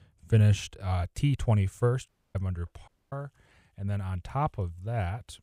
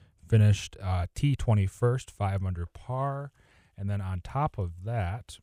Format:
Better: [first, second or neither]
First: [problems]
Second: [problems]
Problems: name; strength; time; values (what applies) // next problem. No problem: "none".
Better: second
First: audio cutting out; at 2 s and at 3 s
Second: none